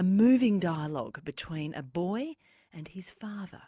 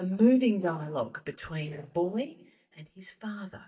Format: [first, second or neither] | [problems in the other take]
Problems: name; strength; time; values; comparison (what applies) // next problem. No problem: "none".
first | noise reduction (neural mask model DeepFilterNet 3)